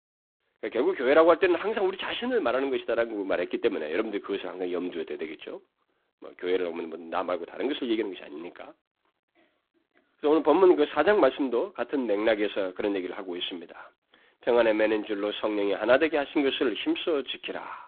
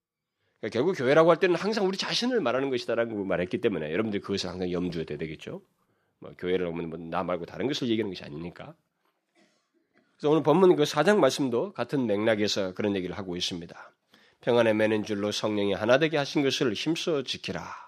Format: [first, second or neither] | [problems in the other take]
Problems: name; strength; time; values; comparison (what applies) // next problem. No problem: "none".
second | phone-call audio; poor line